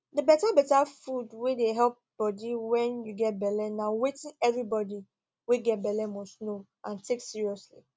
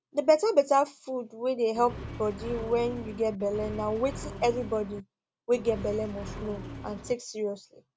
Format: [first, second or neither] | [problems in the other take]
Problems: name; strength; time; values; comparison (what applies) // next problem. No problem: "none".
first | background sound (Accelerating, revving, vroom); 11 dB below the speech